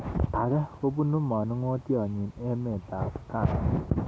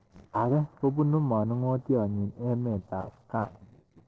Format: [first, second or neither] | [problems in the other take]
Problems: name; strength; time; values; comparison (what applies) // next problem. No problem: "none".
first | noise reduction (neural separator model SepFormer DNS4)